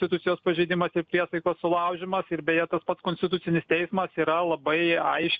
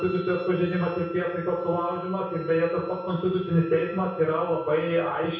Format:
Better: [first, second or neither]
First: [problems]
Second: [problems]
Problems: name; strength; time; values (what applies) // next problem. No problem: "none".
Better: first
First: none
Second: background sound (Wind instrument, woodwind instrument); 16 dB below the speech // room echo; dies away in 0.6 s